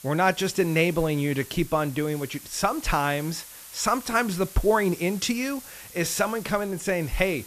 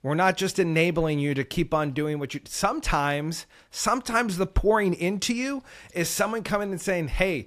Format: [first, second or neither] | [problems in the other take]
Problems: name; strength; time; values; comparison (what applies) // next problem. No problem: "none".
second | hiss; noticeable; throughout; 15 dB below the speech